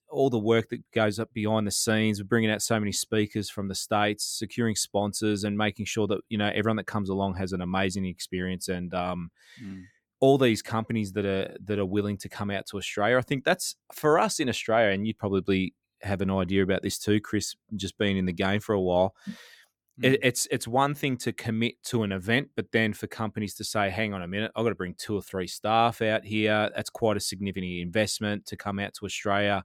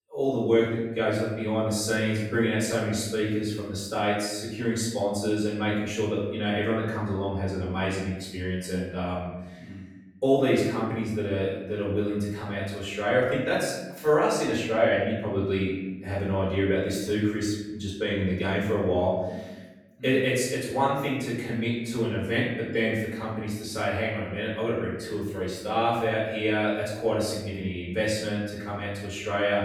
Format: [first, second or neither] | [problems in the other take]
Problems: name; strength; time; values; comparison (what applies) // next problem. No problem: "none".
first | off-mic speech; far // room echo; noticeable; dies away in 1 s